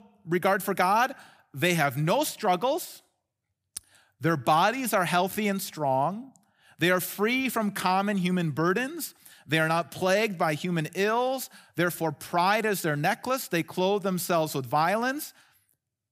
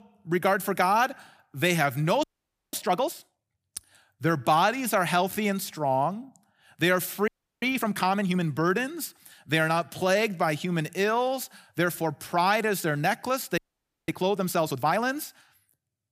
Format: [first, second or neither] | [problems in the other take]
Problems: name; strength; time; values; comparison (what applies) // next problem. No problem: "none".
first | audio freezing; at 2 s, at 7.5 s and at 14 s for 0.5 s